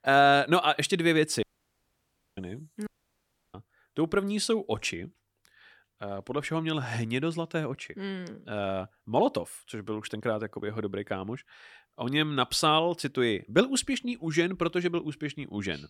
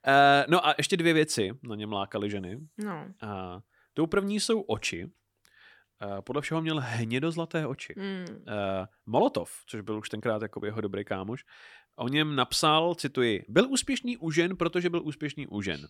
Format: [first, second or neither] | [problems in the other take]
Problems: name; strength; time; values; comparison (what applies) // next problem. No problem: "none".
second | audio cutting out; at 1.5 s for 1 s and at 3 s for 0.5 s